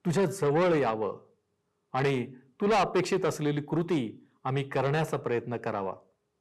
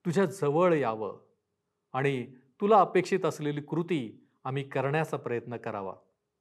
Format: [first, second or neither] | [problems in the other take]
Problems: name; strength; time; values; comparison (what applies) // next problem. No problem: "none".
second | distortion; heavy; 7 dB below the speech